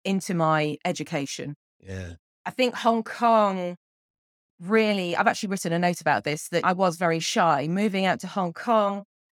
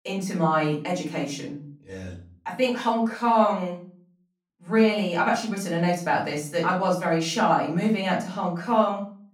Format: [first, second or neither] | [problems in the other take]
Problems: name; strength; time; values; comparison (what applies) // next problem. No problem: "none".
first | off-mic speech; far // room echo; slight; dies away in 0.4 s